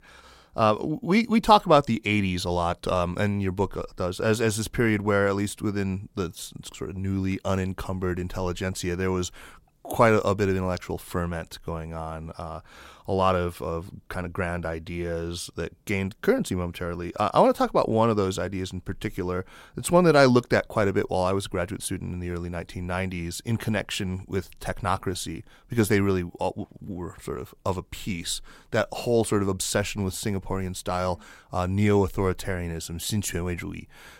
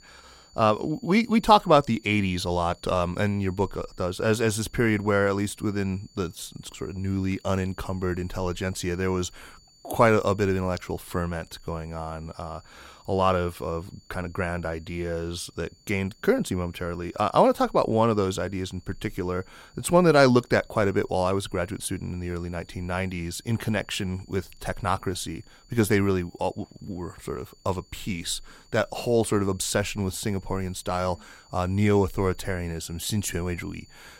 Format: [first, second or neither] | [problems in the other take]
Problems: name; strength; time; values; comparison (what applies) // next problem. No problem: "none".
first | high-pitched whine; faint; throughout; 4.5 kHz, 30 dB below the speech